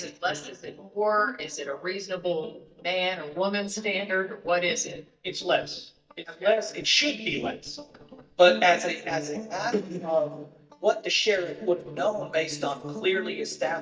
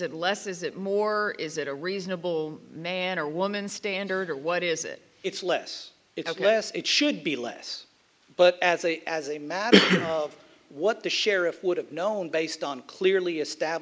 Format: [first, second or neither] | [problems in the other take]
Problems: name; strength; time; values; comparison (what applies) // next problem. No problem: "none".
second | noise reduction (neural mask model DeepFilterNet 3)